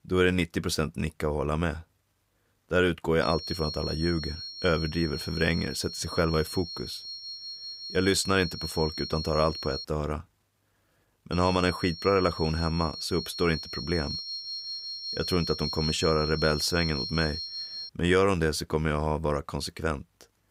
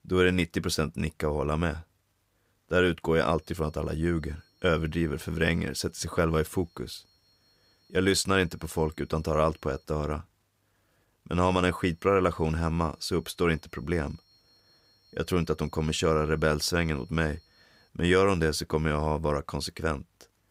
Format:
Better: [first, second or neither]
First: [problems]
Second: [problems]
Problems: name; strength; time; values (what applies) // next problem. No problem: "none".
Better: second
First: high-pitched whine; loud; from 3 to 10 s and from 11 to 18 s; 4.5 kHz, 7 dB below the speech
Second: high-pitched whine; faint; from 3 to 10 s and from 11 to 18 s; 4.5 kHz, 35 dB below the speech